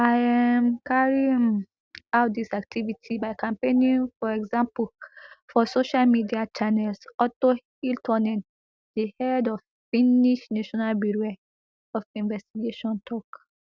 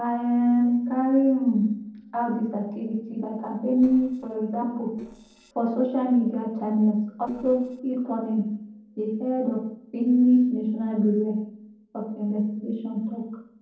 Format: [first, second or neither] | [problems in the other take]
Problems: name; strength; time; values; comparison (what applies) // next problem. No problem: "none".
first | noise reduction (neural separator model SepFormer DNS4)